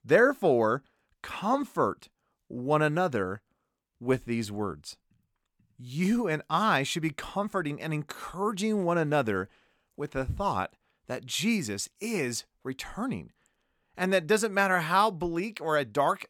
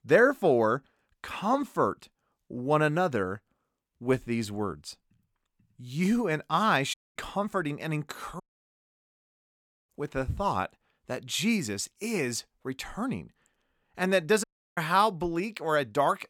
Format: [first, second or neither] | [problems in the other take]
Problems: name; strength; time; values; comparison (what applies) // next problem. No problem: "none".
first | audio cutting out; at 7 s, at 8.5 s for 1.5 s and at 14 s